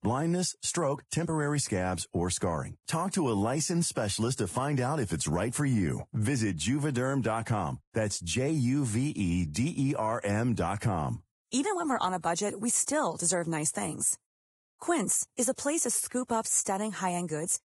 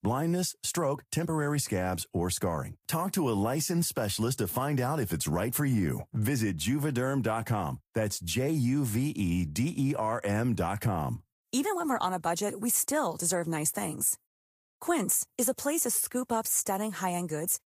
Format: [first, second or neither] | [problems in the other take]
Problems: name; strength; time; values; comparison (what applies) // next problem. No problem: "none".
second | garbled, watery; badly; nothing above 10.5 kHz; slightly in the second